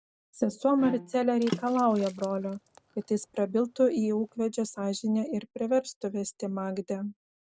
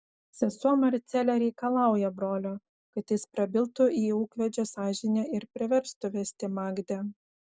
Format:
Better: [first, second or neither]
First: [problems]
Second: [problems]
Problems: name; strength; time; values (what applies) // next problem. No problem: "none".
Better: second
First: background sound (Water / Splash, splatter + Bowed string instrument); 14 dB below the speech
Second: none